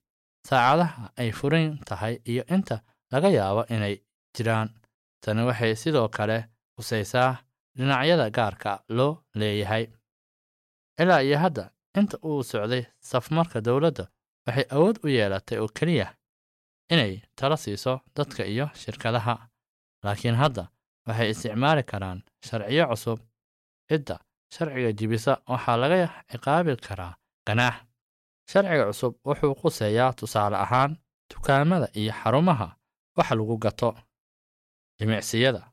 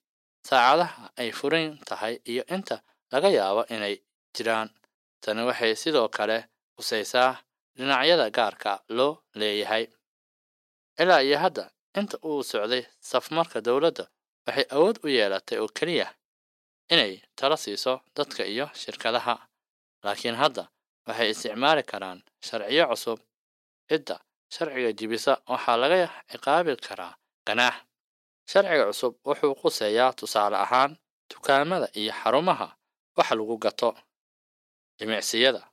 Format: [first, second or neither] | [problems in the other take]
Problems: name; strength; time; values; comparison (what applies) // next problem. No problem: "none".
first | thin; somewhat; fading below 300 Hz